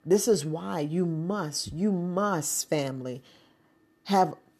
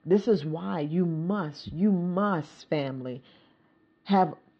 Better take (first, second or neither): first